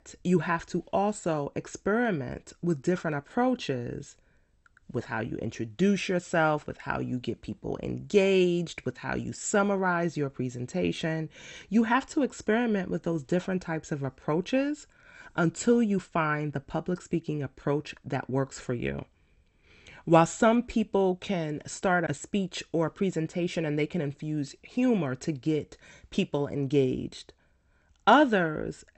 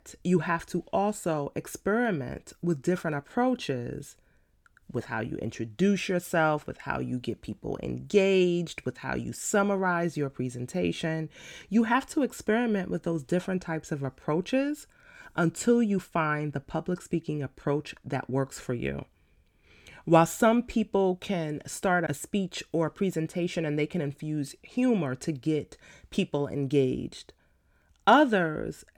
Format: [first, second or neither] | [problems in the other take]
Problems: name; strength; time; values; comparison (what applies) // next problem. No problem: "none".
second | garbled, watery; slightly; nothing above 8 kHz